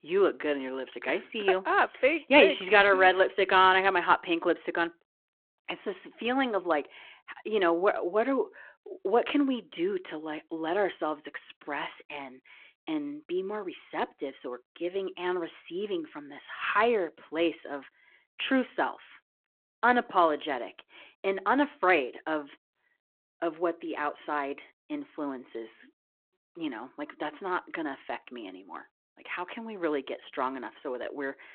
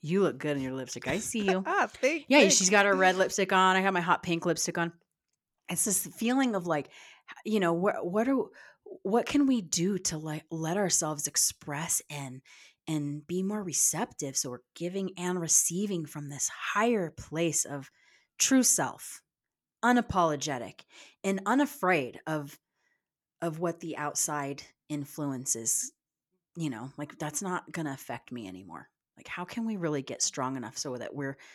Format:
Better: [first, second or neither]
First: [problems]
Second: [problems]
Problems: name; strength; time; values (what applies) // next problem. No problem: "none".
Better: second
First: phone-call audio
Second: none